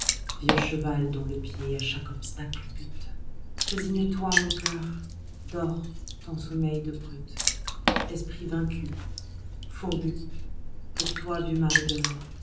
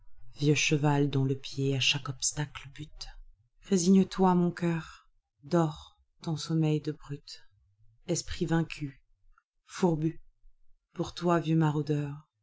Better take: second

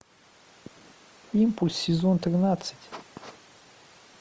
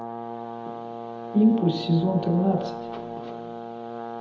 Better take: first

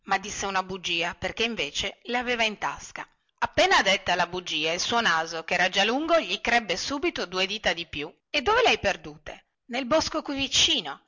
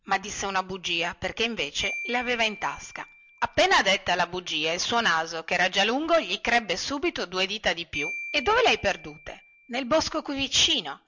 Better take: first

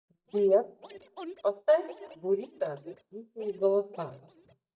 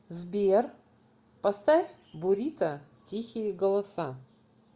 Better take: second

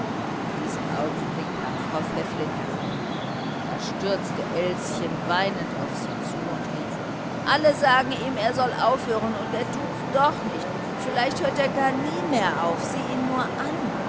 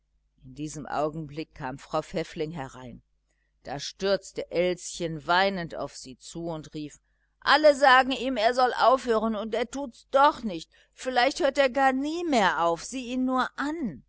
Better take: second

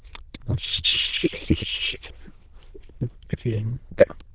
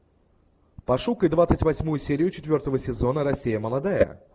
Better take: second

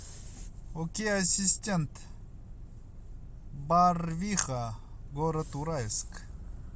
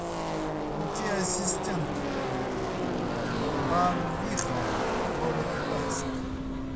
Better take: first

